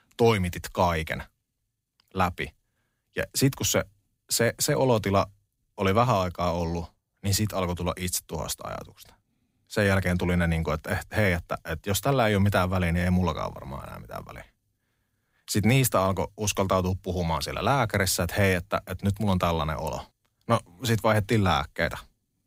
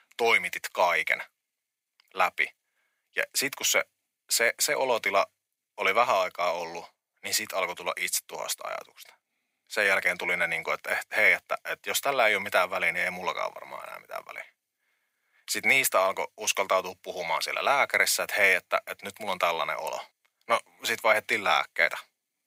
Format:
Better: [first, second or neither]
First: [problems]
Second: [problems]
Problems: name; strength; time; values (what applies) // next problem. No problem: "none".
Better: first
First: none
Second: thin; very; fading below 600 Hz